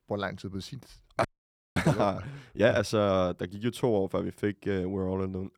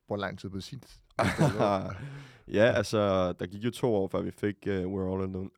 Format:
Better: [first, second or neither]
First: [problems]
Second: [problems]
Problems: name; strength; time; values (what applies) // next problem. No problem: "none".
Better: second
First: audio freezing; at 1.5 s for 0.5 s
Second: none